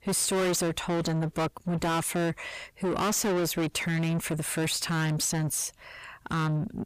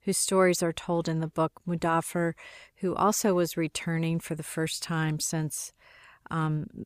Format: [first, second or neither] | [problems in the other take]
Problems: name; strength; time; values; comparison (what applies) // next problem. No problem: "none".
second | distortion; heavy; 6 dB below the speech